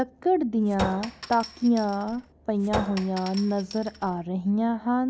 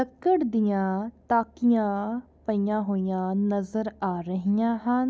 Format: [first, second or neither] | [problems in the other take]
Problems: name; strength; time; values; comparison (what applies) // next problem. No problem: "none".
second | background sound (Chink, clink); 11 dB below the speech